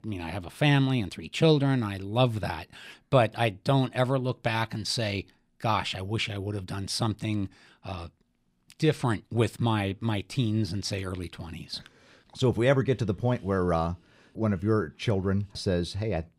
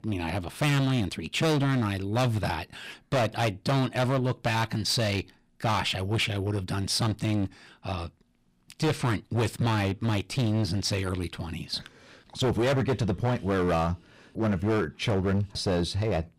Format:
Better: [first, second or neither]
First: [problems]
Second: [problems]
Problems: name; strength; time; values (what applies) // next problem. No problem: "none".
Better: first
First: none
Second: distortion; heavy; 13% of the sound clipped